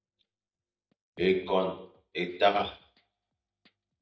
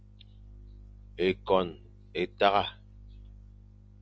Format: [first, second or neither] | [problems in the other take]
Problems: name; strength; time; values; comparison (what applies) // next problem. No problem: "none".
second | noise reduction (neural mask model DeepFilterNet 3)